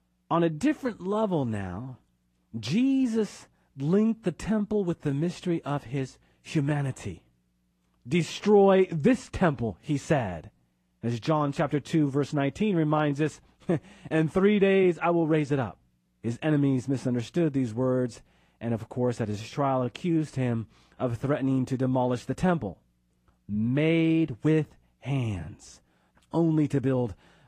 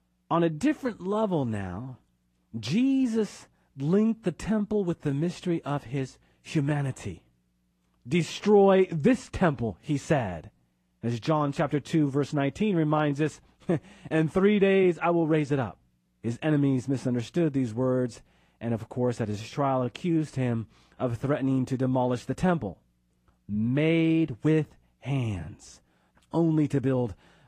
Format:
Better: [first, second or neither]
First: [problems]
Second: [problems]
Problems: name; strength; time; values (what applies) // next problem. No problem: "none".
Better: neither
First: garbled, watery; slightly; nothing above 15 kHz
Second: garbled, watery; slightly; nothing above 15 kHz